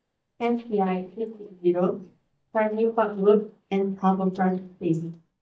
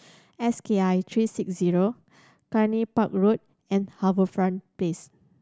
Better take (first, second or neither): second